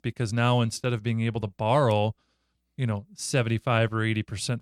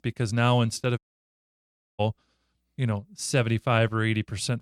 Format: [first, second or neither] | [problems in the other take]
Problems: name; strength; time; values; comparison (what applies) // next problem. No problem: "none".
first | audio cutting out; at 1 s for 1 s